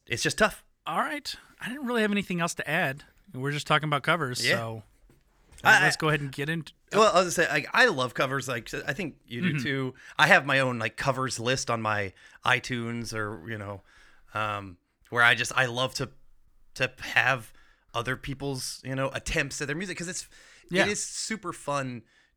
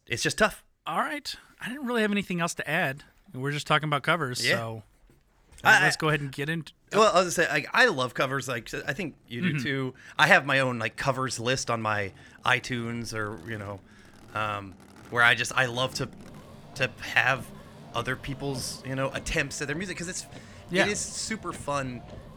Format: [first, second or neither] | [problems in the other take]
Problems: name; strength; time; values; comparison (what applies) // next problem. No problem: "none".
first | traffic noise; faint; throughout; 20 dB below the speech